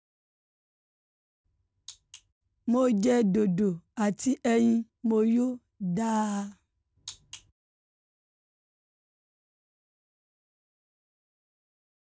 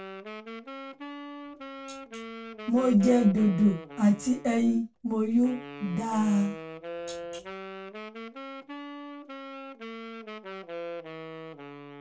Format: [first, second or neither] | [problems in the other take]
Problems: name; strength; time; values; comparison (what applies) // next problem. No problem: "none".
first | background sound (Wind instrument, woodwind instrument); 12 dB below the speech // room echo; dies away in 0.2 s